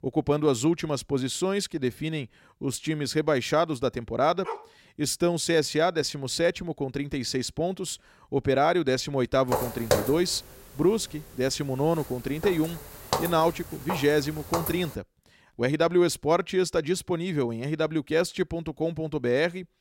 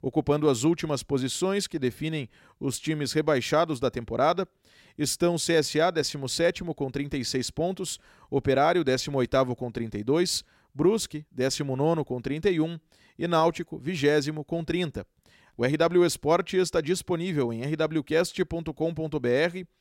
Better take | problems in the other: second | dog barking; faint; at 4.5 s; peak 10 dB below the speech // footsteps; loud; from 9.5 to 15 s; peak level with the speech

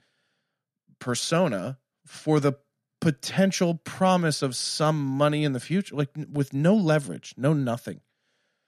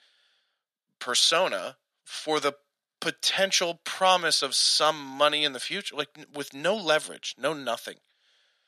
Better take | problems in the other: first | thin; very; fading below 650 Hz

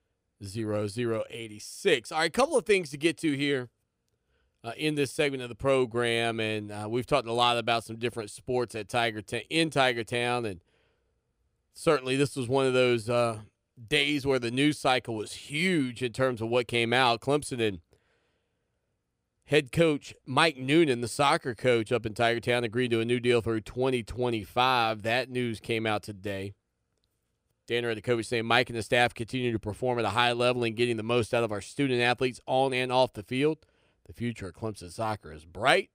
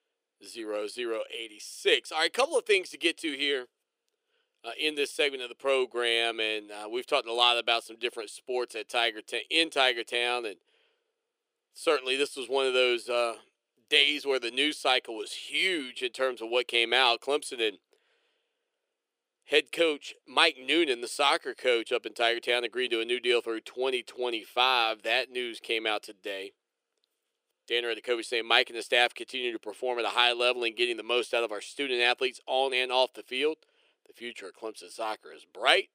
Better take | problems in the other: first | thin; somewhat; fading below 350 Hz

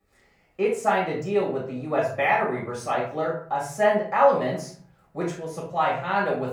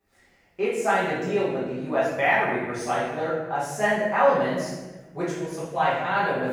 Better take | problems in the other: first | room echo; strong; dies away in 1.1 s; slight in the first // off-mic speech; far; far in the first

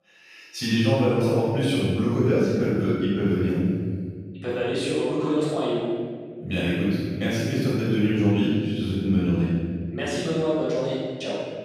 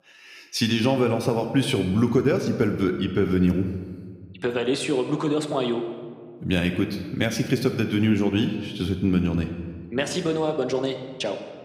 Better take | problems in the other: second | room echo; strong; dies away in 1.8 s; slight in the second // off-mic speech; far

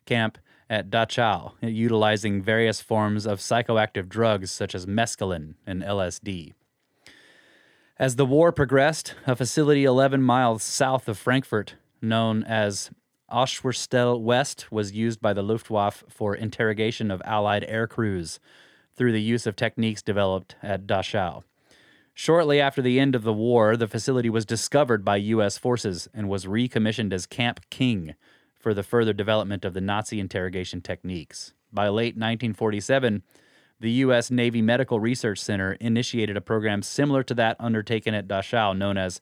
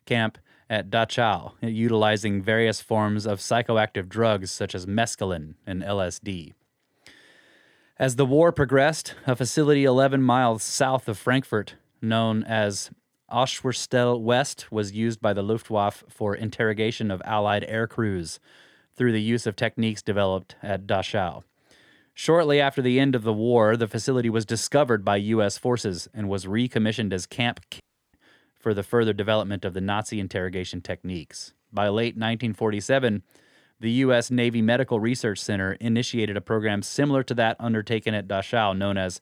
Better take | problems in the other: first | audio cutting out; at 28 s

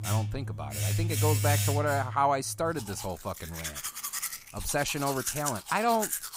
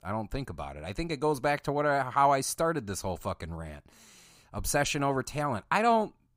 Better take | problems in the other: second | household noises; loud; throughout; 1 dB below the speech

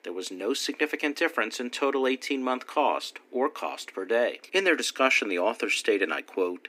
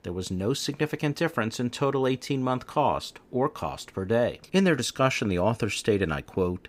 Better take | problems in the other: second | thin; very slightly; fading below 250 Hz

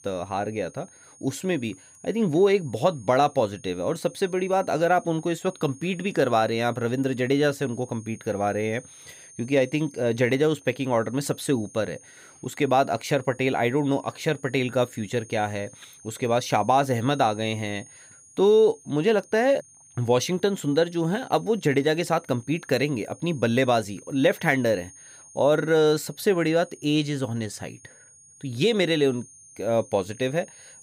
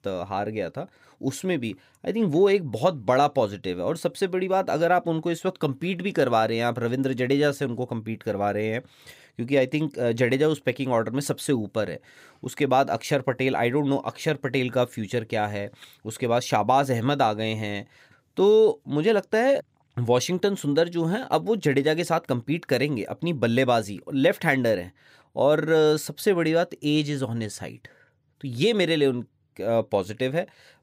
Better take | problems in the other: second | high-pitched whine; faint; throughout; 6.5 kHz, 25 dB below the speech

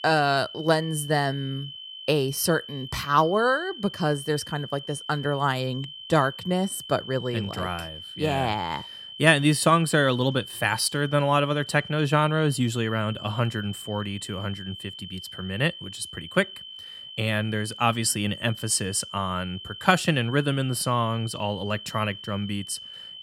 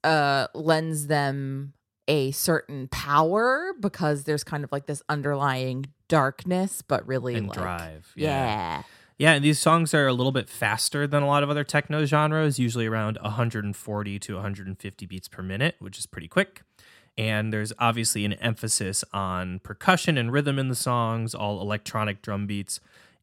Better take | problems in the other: second | high-pitched whine; noticeable; throughout; 3 kHz, 15 dB below the speech

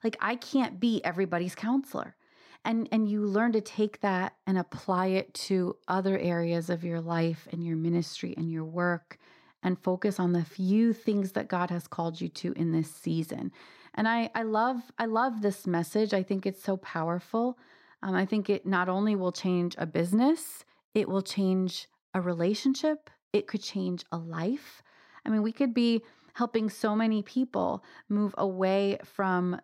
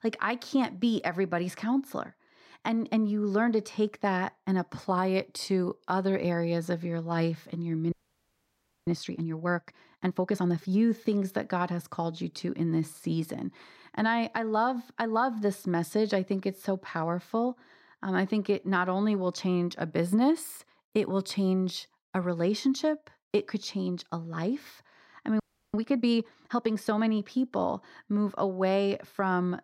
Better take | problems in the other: first | audio freezing; at 8 s for 1 s and at 25 s

